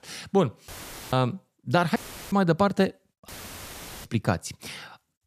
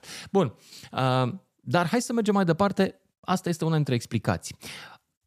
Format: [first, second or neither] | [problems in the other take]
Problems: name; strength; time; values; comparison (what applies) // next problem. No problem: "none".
second | audio cutting out; filled with static; at 0.5 s, at 2 s and at 3.5 s for 1 s